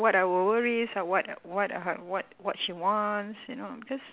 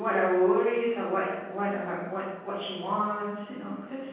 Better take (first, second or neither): first